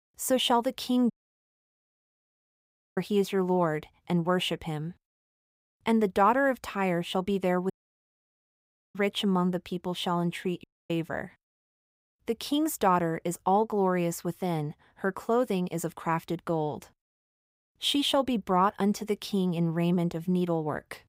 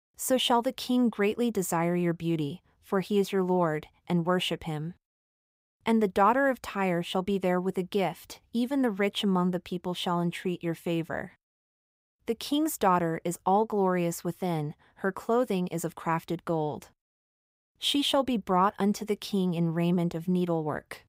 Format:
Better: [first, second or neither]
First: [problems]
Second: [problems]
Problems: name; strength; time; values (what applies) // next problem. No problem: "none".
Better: second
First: audio cutting out; at 1 s for 2 s, at 7.5 s for 1 s and at 11 s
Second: none